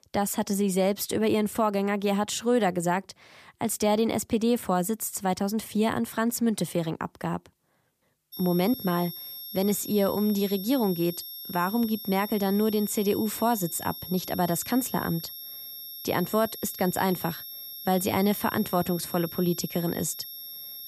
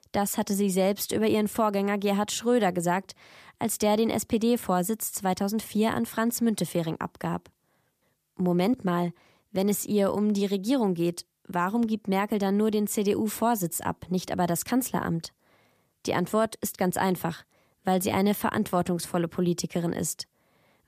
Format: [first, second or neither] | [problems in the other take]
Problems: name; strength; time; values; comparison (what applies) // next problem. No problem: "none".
second | high-pitched whine; loud; from 8.5 s on; 11.5 kHz, 10 dB below the speech